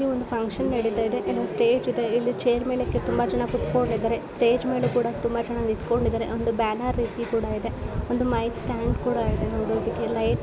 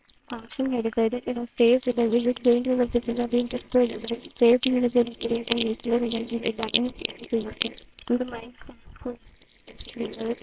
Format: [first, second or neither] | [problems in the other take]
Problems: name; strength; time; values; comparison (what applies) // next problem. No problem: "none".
first | noise reduction (neural separator model SepFormer WHAMR!)